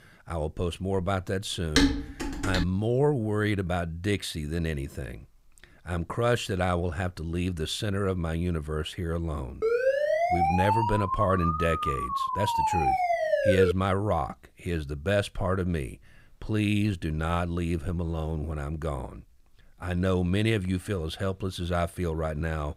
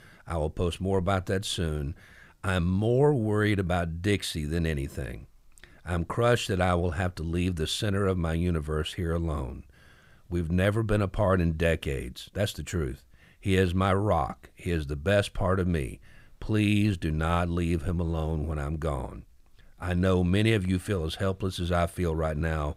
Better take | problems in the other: second | clattering dishes; loud; at 2 s; peak 5 dB above the speech // siren; loud; from 9.5 to 14 s; peak 5 dB above the speech

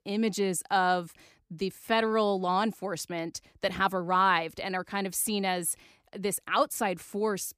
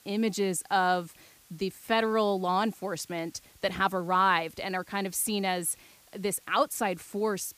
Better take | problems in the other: first | hiss; faint; throughout; 25 dB below the speech

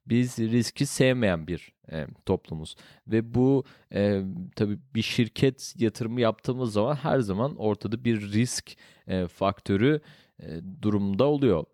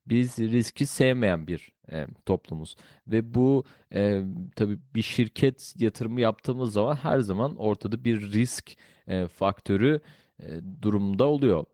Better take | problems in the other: first | garbled, watery; slightly

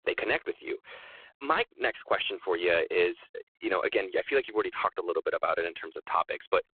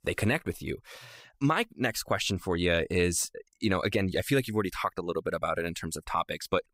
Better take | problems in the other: second | phone-call audio; poor line; nothing above 3.5 kHz

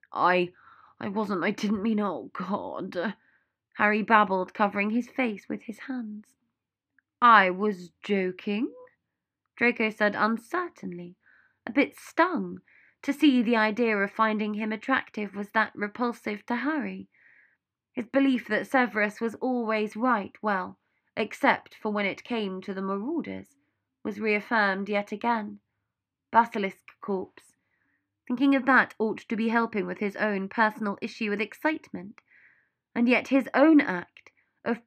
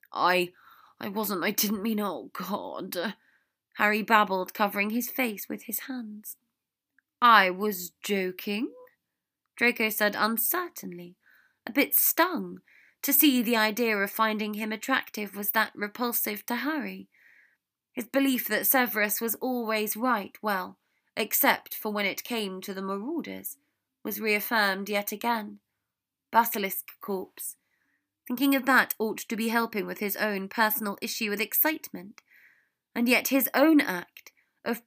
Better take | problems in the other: second | muffled; slightly; fading above 2.5 kHz

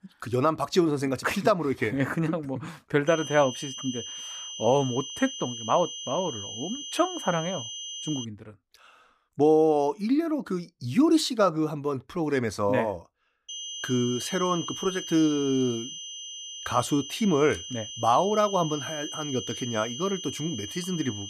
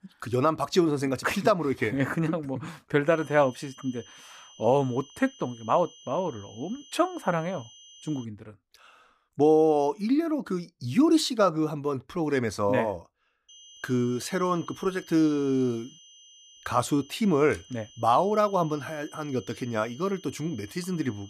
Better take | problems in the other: second | high-pitched whine; loud; from 3 to 8.5 s and from 13 s on; 3 kHz, 9 dB below the speech; faint in the second

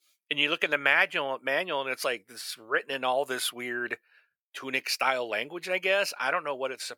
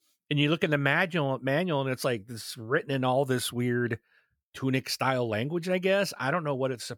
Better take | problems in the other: second | thin; very; fading below 550 Hz

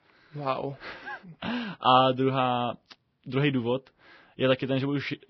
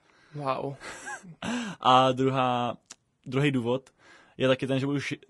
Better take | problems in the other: second | garbled, watery; badly; nothing above 5.5 kHz; slightly in the second

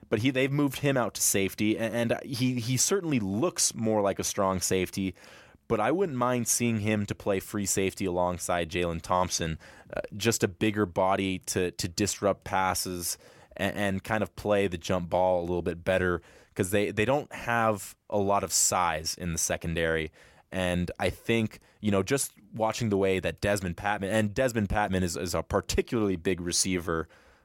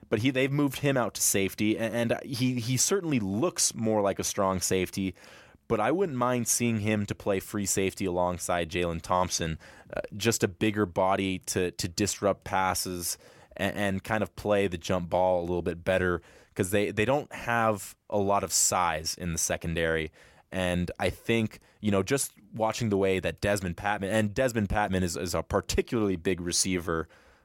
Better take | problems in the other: neither | none

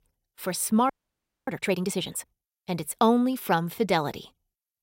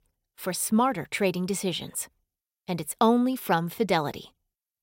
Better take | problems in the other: second | audio freezing; at 1 s for 0.5 s

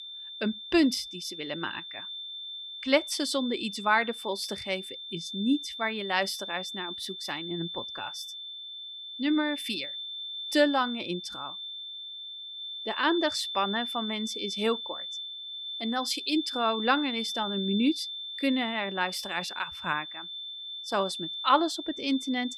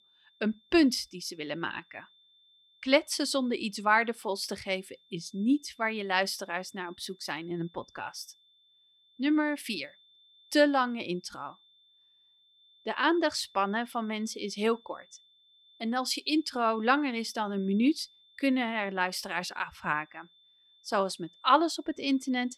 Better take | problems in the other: second | high-pitched whine; loud; throughout; 3.5 kHz, 6 dB below the speech; faint in the second

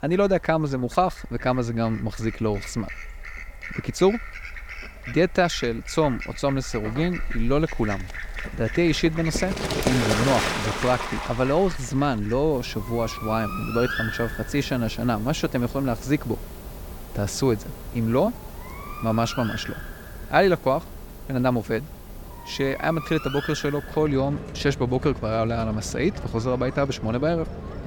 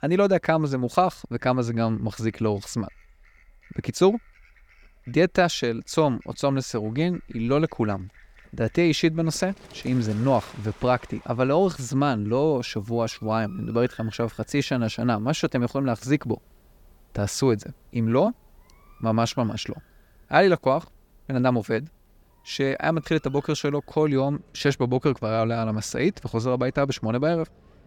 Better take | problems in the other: second | animal sounds; loud; throughout; 9 dB below the speech; faint in the second

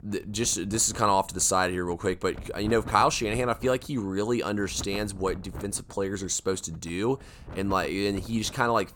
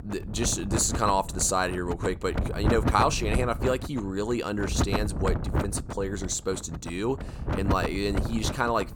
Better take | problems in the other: first | wind noise on the microphone; heavy; 8 dB below the speech; occasional gusts in the first

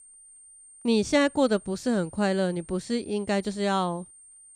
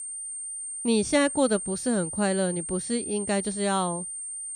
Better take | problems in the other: first | high-pitched whine; loud; throughout; 9 kHz, 6 dB below the speech; faint in the first

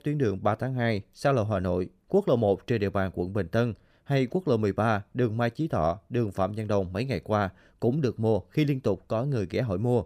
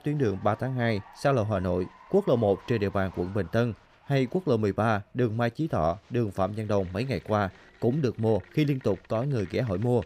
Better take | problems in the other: first | crowd noise; faint; throughout; 25 dB below the speech

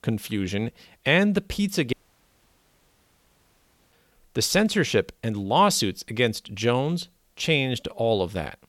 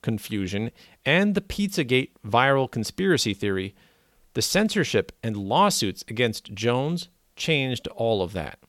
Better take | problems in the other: second | audio cutting out; at 2 s for 2 s

